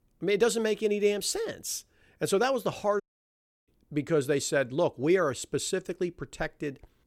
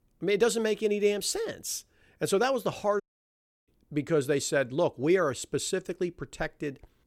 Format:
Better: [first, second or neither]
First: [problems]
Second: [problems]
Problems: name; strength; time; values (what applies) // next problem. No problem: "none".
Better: neither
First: audio cutting out; at 3 s for 0.5 s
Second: audio cutting out; at 3 s for 0.5 s